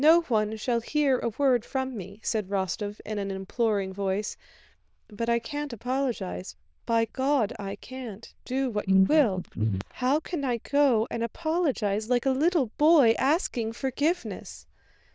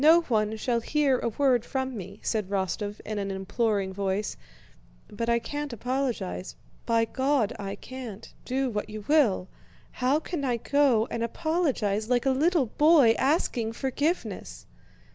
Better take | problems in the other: second | noise reduction (neural diffusion model UNIVERSE++)

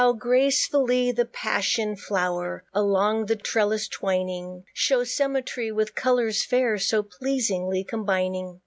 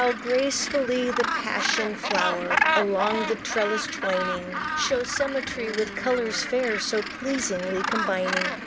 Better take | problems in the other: first | background sound (Gull, seagull); 2 dB below the speech

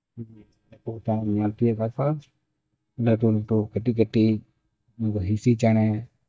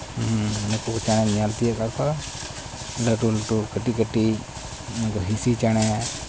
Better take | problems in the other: second | noise reduction (neural mask model DeepFilterNet 3)

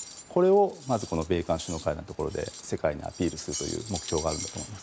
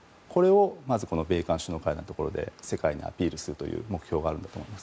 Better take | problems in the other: second | background sound (Cutlery, silverware); 13 dB below the speech

